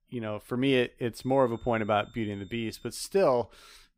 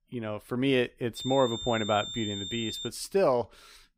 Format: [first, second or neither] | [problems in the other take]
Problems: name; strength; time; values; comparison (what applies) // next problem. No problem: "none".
first | high-pitched whine; loud; from 1 to 3 s; 3.5 kHz, 7 dB below the speech; faint in the first